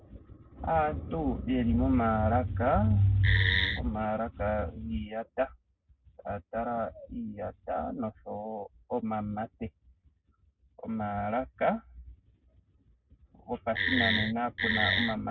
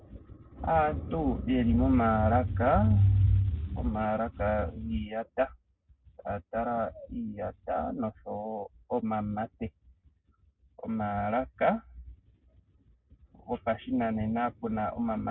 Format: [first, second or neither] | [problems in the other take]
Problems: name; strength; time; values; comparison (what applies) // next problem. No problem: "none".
second | background sound (Wood); 2 dB above the speech